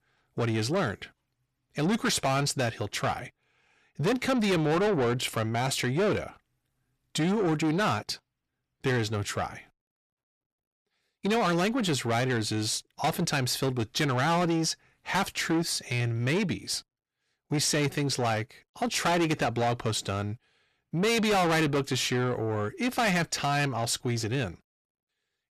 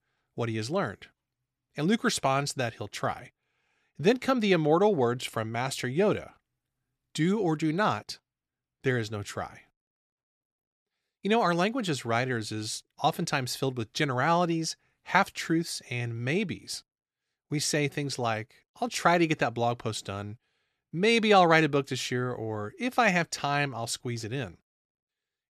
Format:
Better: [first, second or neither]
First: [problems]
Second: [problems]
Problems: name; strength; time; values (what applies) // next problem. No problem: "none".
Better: second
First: distortion; heavy; 6 dB below the speech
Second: none